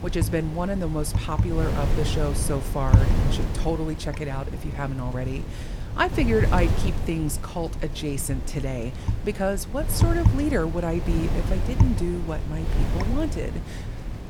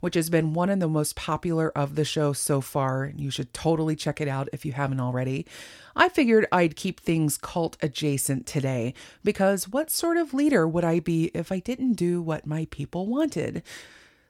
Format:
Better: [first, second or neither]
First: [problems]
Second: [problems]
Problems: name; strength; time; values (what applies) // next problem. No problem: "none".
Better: second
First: wind noise on the microphone; heavy; 7 dB below the speech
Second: none